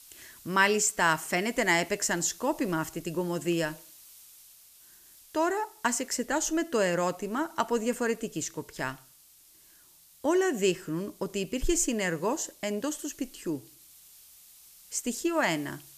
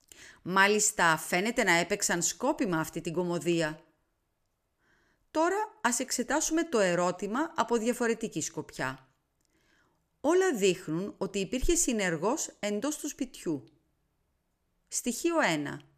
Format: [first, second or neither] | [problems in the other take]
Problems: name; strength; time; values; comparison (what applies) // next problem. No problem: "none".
second | hiss; faint; throughout; 20 dB below the speech